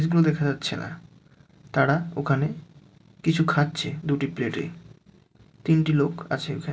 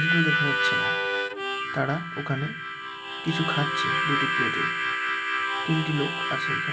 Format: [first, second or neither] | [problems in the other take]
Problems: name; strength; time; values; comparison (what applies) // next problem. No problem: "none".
first | background sound (Harmonica); 4 dB above the speech